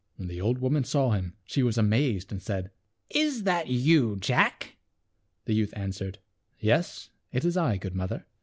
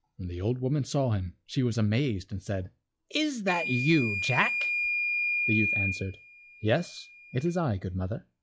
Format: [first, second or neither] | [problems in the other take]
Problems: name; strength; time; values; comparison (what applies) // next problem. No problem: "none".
first | noise reduction (classical method log-MMSE)